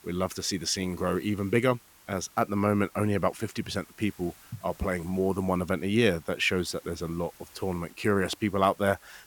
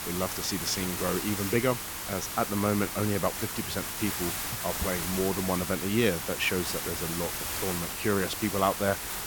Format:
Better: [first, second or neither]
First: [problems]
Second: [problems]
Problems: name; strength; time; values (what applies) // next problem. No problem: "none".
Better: first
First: hiss; faint; throughout; 25 dB below the speech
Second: hiss; loud; throughout; 2 dB below the speech